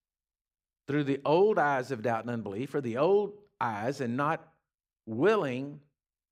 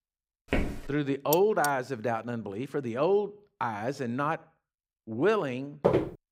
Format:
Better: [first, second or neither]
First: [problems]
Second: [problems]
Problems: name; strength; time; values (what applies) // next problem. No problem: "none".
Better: first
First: none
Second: footsteps; noticeable; at 0.5 s; peak 2 dB below the speech // clattering dishes; noticeable; at 1.5 s; peak 4 dB below the speech // footsteps; loud; at 6 s; peak 3 dB above the speech